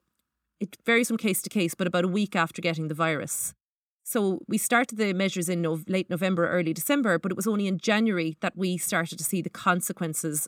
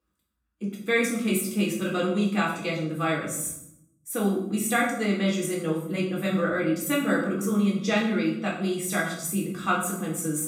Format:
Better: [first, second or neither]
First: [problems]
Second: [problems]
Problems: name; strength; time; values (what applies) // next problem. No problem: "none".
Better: first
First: none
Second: room echo; noticeable; dies away in 0.7 s // off-mic speech; far